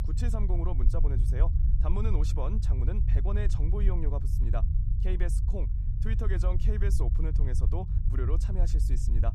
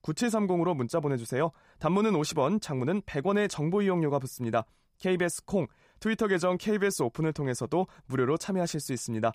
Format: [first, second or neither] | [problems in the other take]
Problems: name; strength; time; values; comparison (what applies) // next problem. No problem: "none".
second | low rumble; loud; throughout; 5 dB below the speech